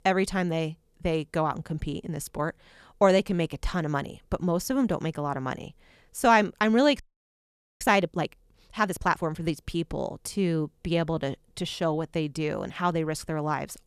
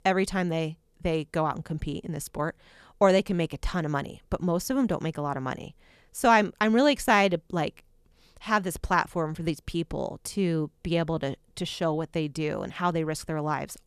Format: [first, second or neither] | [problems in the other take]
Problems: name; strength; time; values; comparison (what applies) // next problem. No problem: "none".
second | audio freezing; at 7 s for 1 s